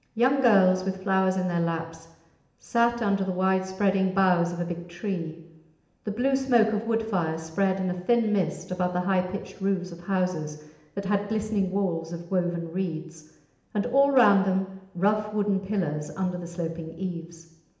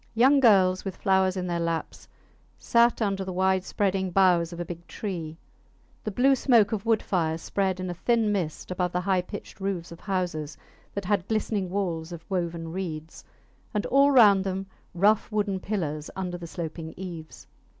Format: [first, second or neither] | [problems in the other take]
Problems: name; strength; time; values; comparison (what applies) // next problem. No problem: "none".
second | room echo; dies away in 0.8 s